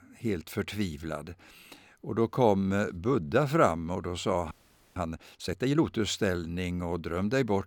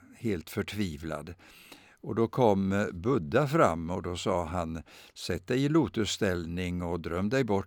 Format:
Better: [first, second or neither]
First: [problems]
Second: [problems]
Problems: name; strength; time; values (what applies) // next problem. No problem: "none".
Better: second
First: audio freezing; at 4.5 s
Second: none